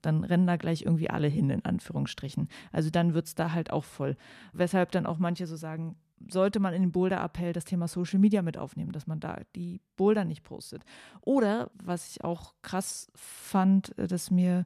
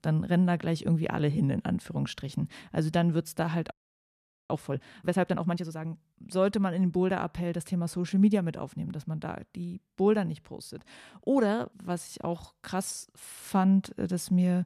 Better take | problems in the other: first | audio freezing; at 3.5 s for 1 s

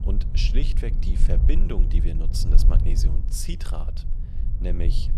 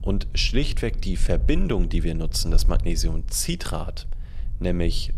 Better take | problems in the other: second | low rumble; loud; throughout; 7 dB below the speech; faint in the second

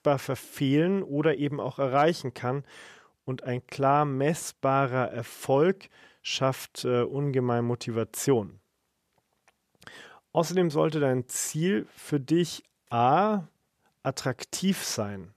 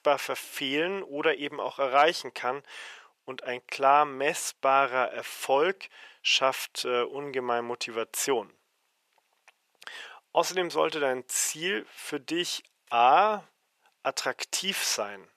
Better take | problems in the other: first | thin; very; fading below 550 Hz

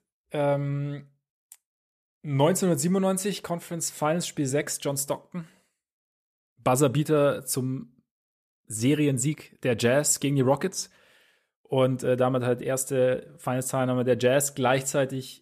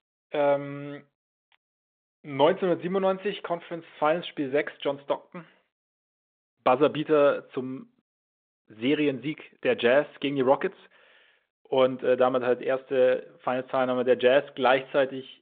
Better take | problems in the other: first | phone-call audio

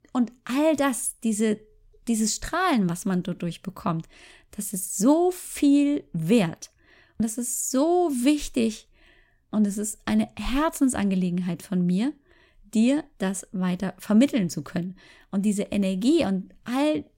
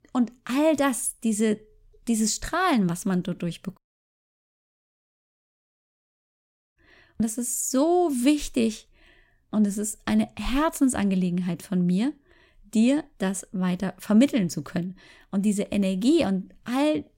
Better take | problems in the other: first | audio cutting out; at 4 s for 3 s

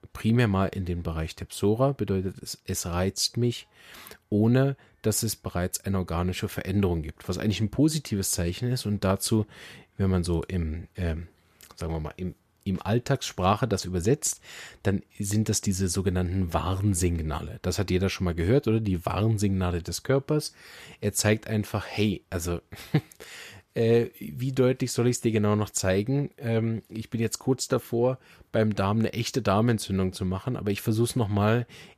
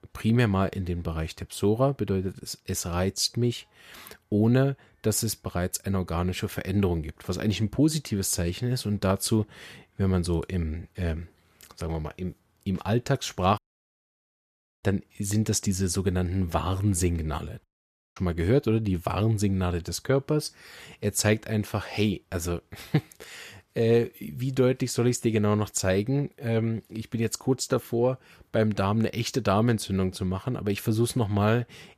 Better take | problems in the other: first | audio cutting out; at 14 s for 1.5 s and at 18 s for 0.5 s

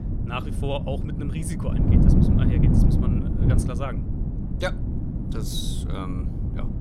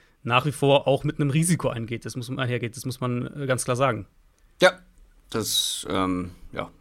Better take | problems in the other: second | wind noise on the microphone; heavy; as loud as the speech

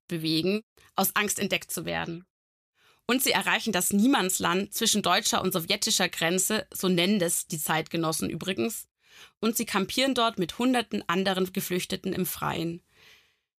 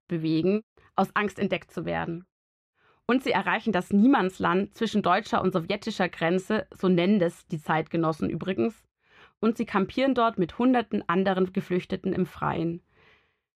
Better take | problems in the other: first | muffled; very; fading above 4 kHz

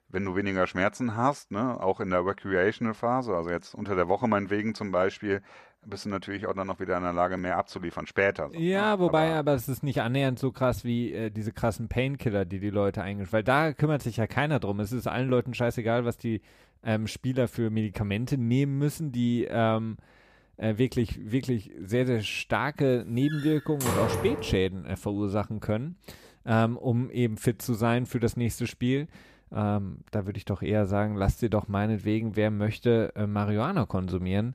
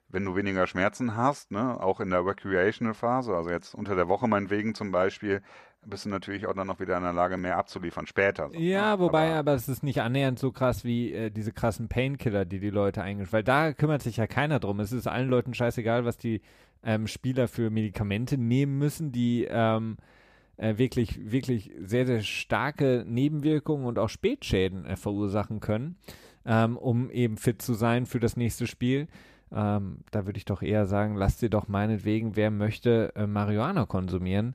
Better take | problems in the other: second | door banging; noticeable; from 23 to 25 s; peak level with the speech

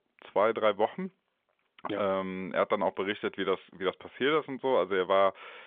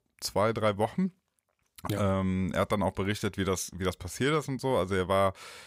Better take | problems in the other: second | phone-call audio; nothing above 3.5 kHz

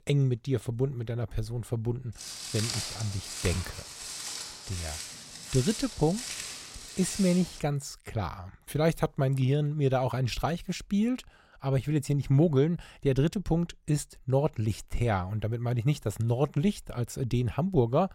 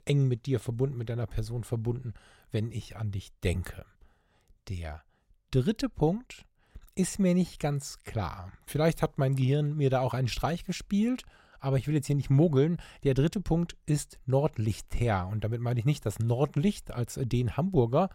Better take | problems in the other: second | footsteps; noticeable; from 2 to 7.5 s; peak 2 dB below the speech

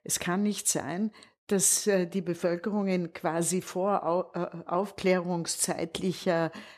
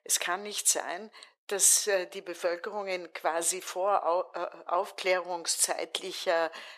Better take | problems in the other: first | thin; very; fading below 500 Hz

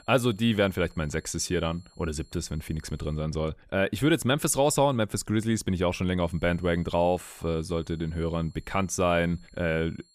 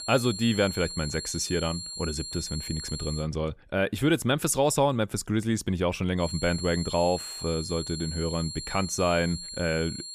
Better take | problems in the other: first | high-pitched whine; loud; until 3 s and from 6 s on; 4 kHz, 8 dB below the speech; faint in the first

